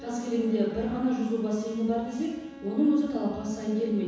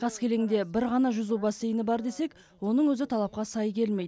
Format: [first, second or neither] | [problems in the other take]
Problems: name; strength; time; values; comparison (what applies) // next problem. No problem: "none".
second | background sound (Bowed string instrument); 18 dB below the speech // room echo; dies away in 1.1 s